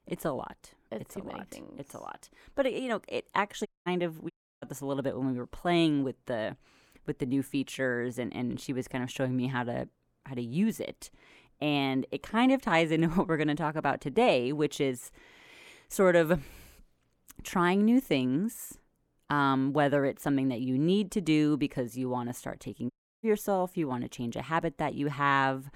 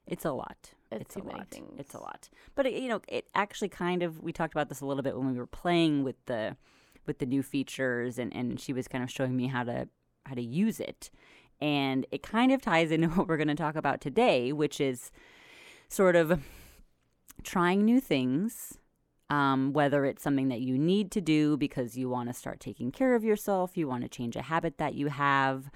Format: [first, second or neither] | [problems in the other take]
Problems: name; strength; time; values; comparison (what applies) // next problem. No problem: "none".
second | audio cutting out; at 3.5 s, at 4.5 s and at 23 s